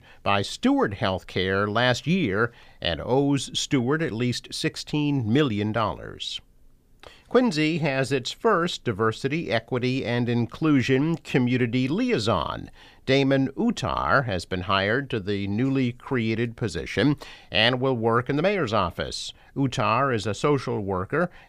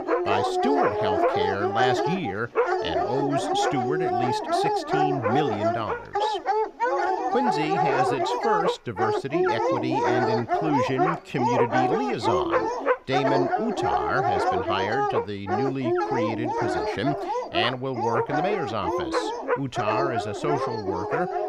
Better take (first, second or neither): first